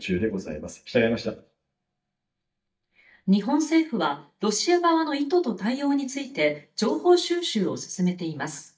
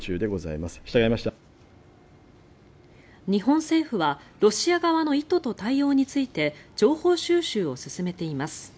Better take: second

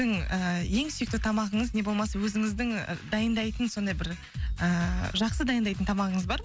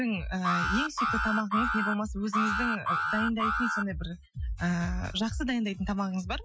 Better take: first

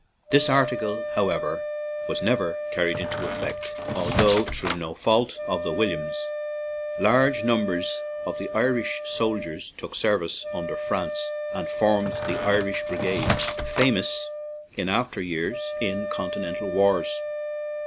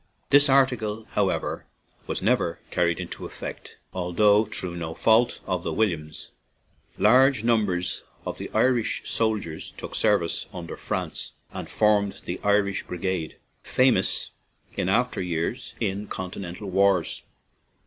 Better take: second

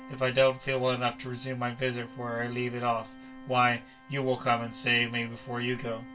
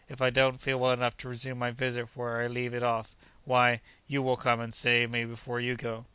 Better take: second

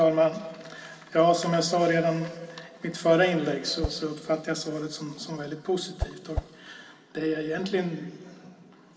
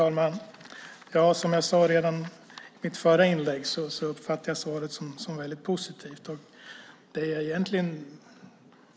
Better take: second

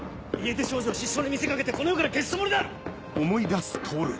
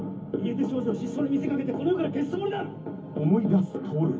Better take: first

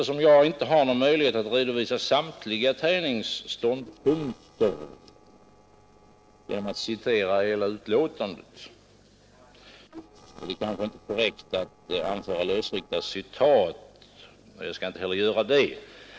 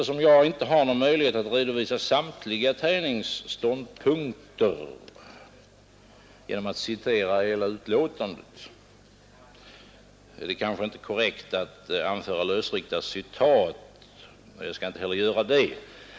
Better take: second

